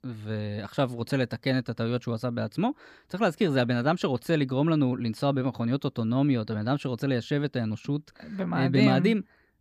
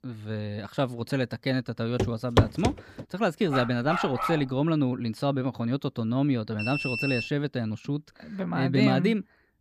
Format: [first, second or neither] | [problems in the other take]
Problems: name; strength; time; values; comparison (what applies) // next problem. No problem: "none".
first | footsteps; loud; at 2 s; peak 4 dB above the speech // dog barking; noticeable; at 3.5 s; peak 2 dB below the speech // alarm; noticeable; at 6.5 s; peak 1 dB below the speech